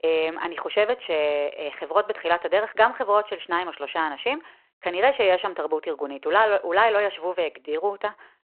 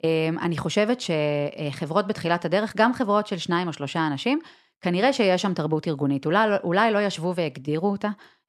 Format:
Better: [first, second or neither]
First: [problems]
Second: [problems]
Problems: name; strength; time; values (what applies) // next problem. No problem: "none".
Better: second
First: phone-call audio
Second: none